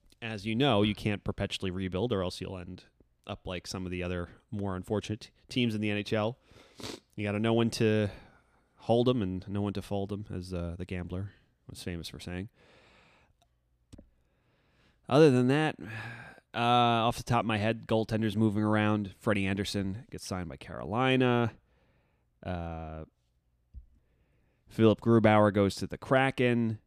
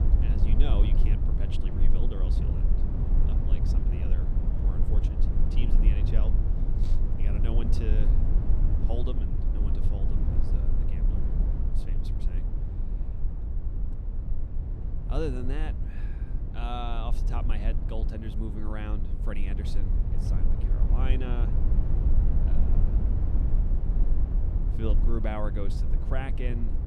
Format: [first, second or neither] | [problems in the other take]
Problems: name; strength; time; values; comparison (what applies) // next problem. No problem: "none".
first | low rumble; loud; throughout; 3 dB below the speech